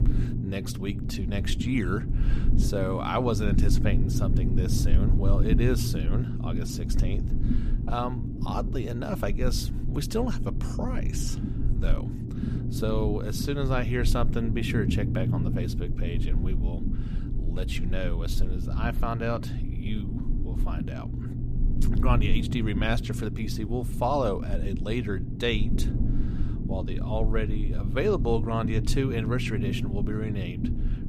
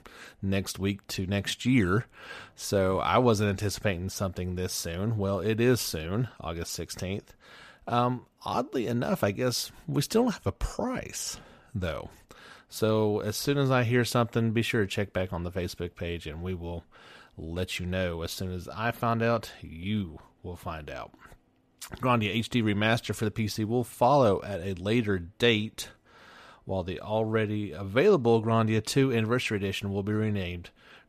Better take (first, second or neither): second